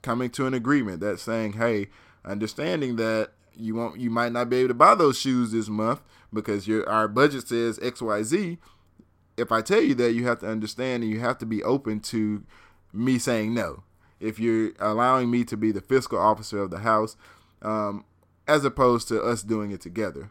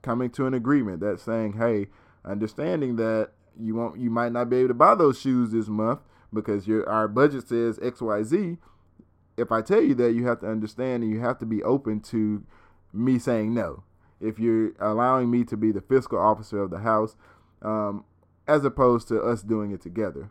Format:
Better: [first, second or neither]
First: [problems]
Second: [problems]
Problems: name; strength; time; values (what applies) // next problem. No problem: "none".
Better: first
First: none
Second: muffled; slightly; fading above 1.5 kHz